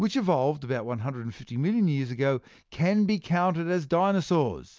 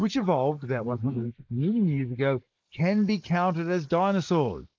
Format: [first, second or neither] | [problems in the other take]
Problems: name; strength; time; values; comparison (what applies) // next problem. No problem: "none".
first | noise reduction (neural mask model Resemble Enhance denoiser)